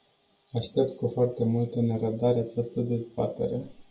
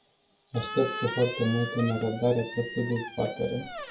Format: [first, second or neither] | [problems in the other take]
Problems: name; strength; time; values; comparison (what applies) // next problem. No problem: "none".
first | background sound (Squeak); 10 dB below the speech